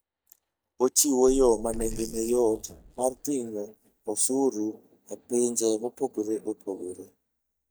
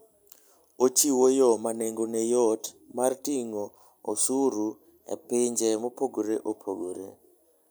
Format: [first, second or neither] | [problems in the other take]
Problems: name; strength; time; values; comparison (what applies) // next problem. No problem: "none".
second | noise reduction (neural mask model DeepFilterNet 3)